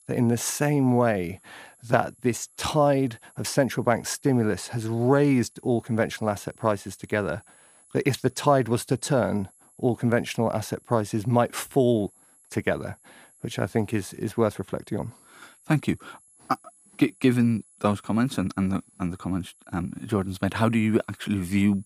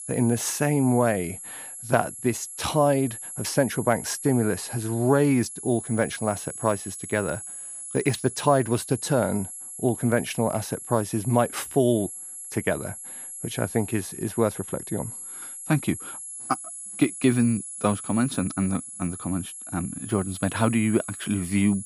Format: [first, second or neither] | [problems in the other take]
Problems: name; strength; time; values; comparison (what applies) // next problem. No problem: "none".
first | high-pitched whine; loud; throughout; 11 kHz, 9 dB below the speech; faint in the first